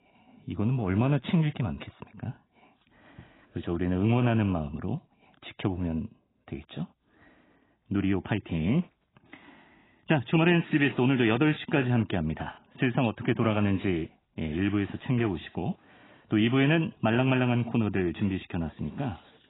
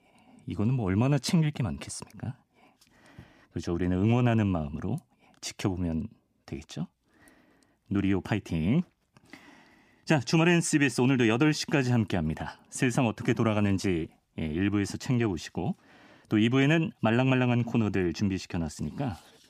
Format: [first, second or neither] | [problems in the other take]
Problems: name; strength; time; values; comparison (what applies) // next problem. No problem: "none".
second | garbled, watery; badly; nothing above 3.5 kHz